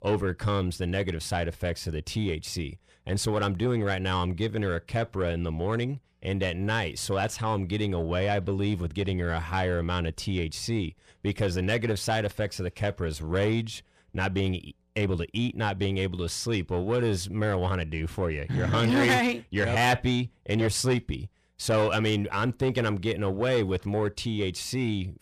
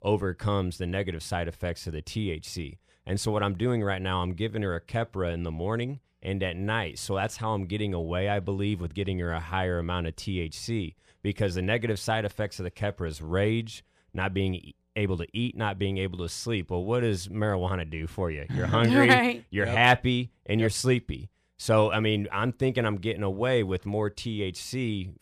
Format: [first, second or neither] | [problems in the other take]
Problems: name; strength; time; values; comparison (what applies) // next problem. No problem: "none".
second | distortion; slight; 10 dB below the speech